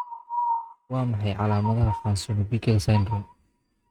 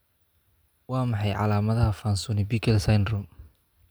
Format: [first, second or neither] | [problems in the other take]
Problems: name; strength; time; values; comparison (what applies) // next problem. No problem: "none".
second | noise reduction (neural mask model RNNoise)